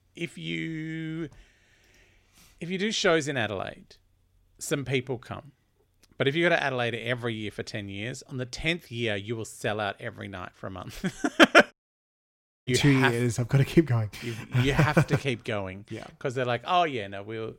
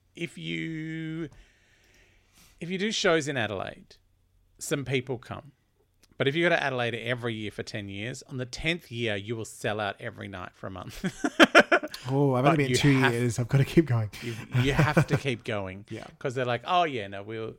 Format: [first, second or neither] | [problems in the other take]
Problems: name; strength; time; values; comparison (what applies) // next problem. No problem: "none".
second | audio cutting out; at 12 s for 1 s